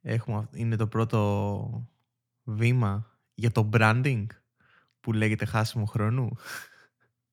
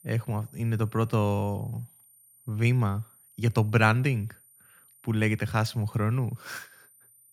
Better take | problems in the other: first | high-pitched whine; faint; throughout; 9 kHz, 25 dB below the speech

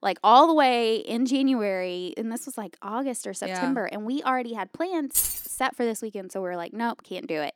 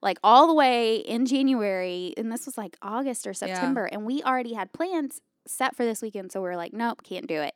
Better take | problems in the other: second | jangling keys; loud; at 5 s; peak 2 dB above the speech

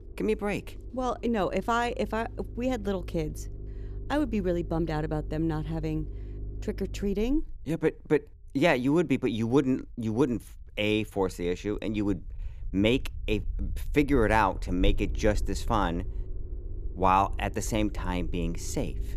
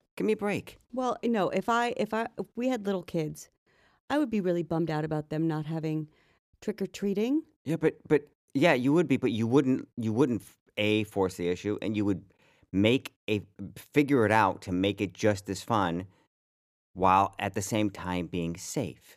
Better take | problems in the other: second | low rumble; faint; throughout; 25 dB below the speech

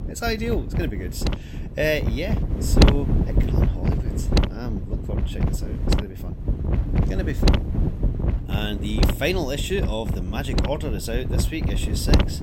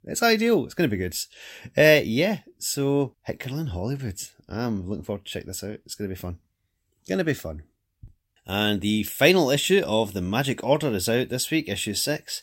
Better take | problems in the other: second | wind noise on the microphone; heavy; 2 dB below the speech

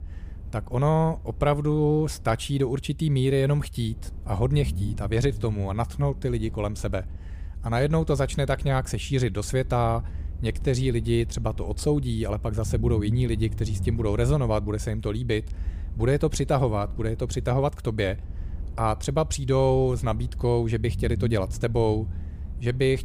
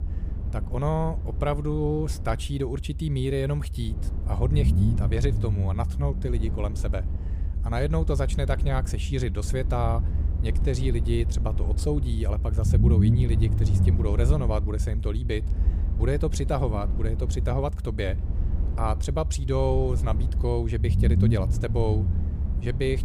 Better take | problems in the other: first | low rumble; loud; throughout; 9 dB below the speech; faint in the first

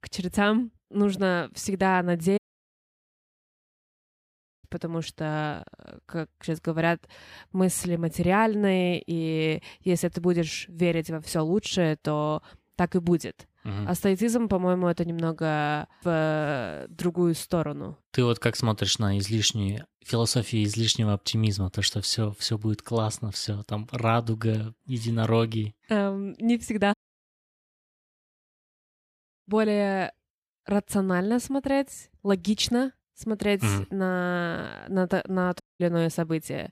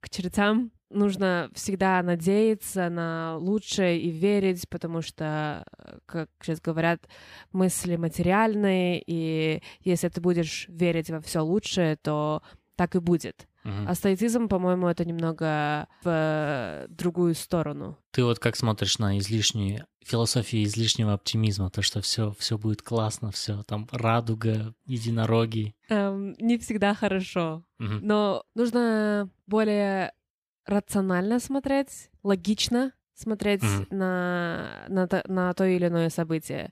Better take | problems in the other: second | audio cutting out; at 2.5 s for 2.5 s, at 27 s for 2.5 s and at 36 s

